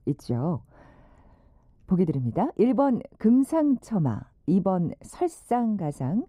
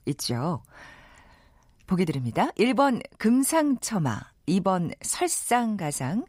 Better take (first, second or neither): second